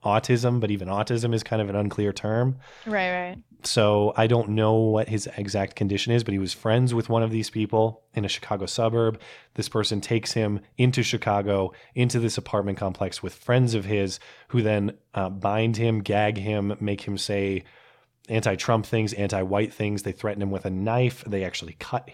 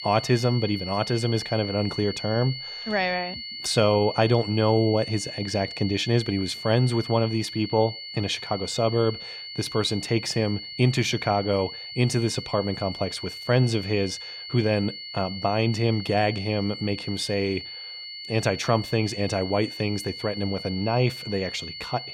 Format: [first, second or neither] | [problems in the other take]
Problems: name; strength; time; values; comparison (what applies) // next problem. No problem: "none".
first | high-pitched whine; loud; throughout; 4.5 kHz, 9 dB below the speech